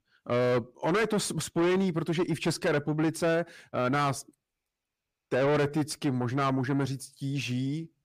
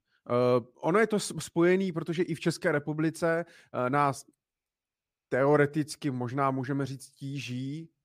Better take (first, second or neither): second